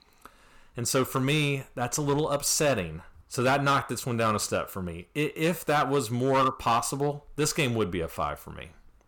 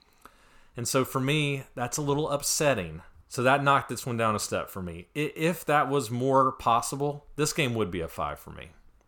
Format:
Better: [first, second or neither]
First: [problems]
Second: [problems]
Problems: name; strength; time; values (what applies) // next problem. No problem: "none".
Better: second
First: distortion; slight; 5% of the sound clipped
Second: none